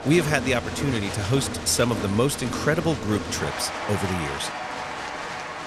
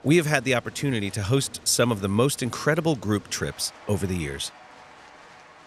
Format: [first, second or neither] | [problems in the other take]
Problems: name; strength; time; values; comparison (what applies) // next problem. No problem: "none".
second | crowd noise; loud; throughout; 6 dB below the speech; faint in the second